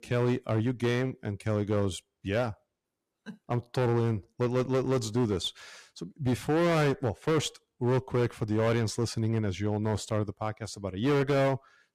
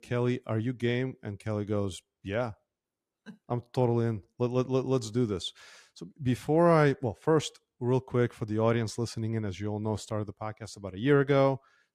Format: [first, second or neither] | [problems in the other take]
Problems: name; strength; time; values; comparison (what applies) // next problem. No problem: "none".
second | distortion; heavy; 14% of the sound clipped